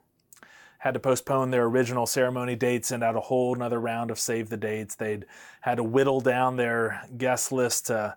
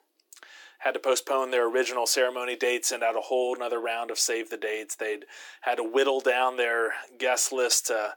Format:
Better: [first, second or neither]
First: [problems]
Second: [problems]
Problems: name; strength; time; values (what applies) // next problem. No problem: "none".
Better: first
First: none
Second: thin; somewhat; fading below 300 Hz